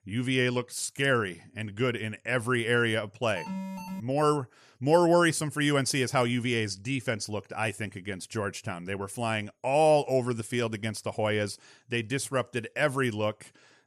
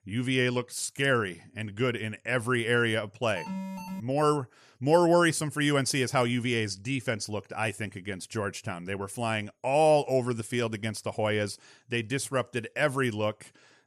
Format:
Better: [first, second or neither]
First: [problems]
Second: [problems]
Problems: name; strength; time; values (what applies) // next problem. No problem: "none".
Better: neither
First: alarm; noticeable; at 3.5 s; peak 8 dB below the speech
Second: alarm; noticeable; at 3.5 s; peak 8 dB below the speech